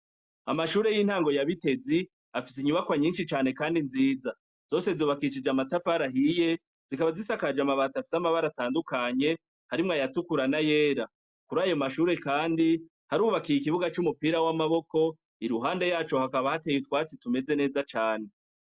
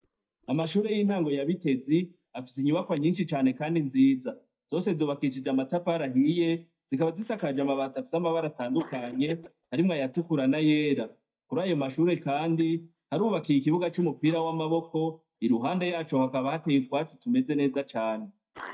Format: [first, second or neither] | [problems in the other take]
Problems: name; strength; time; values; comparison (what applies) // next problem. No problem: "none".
first | noise reduction (neural mask model DeepFilterNet 3)